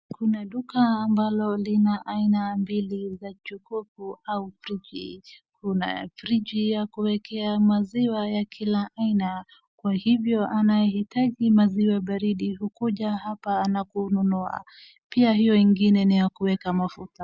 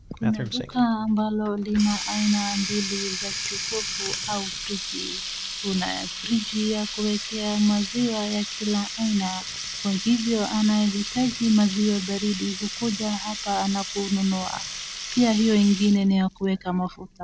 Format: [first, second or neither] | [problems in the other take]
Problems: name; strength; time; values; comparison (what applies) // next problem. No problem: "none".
first | background sound (Water tap, faucet); 8 dB below the speech